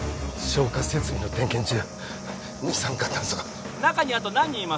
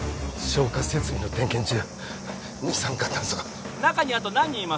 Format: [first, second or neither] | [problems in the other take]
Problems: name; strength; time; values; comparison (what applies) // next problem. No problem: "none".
second | background sound (Wind instrument, woodwind instrument); 19 dB below the speech